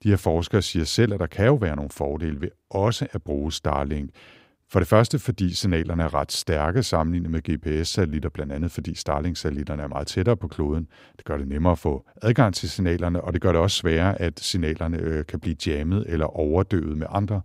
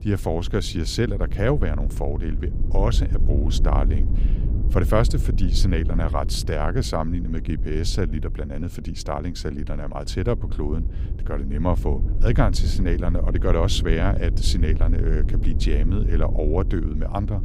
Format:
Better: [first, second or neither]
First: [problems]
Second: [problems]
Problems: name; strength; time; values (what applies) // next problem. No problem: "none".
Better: first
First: none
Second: wind noise on the microphone; occasional gusts; 15 dB below the speech